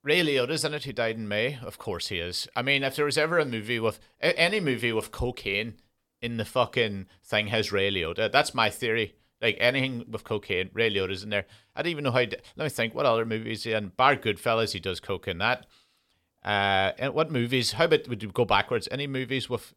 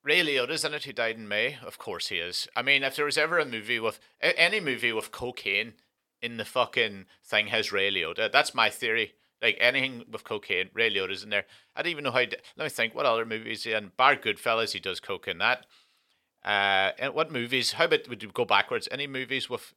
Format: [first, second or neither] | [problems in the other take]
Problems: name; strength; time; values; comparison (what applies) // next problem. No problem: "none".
first | thin; very slightly; fading below 400 Hz